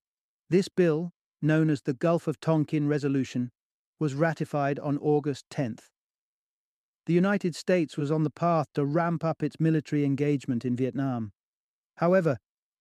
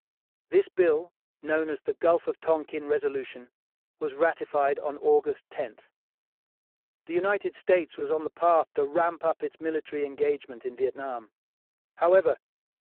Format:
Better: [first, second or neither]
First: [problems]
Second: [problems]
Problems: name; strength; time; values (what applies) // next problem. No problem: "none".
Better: first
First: none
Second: phone-call audio; poor line